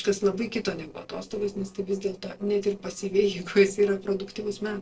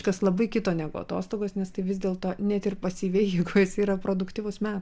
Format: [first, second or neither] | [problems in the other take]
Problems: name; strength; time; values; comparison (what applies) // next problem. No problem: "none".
second | noise reduction (neural separator model SepFormer DNS4)